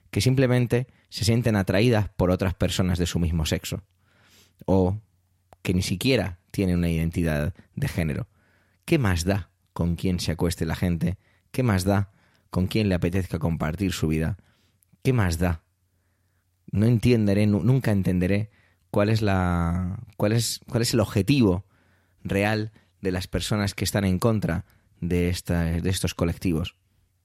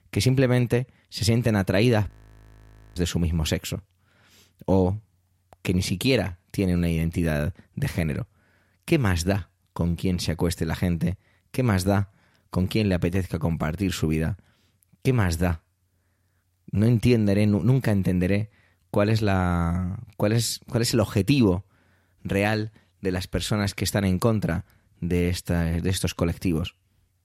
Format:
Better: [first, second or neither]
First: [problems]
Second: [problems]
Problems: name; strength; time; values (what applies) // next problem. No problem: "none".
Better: first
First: none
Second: audio freezing; at 2 s for 1 s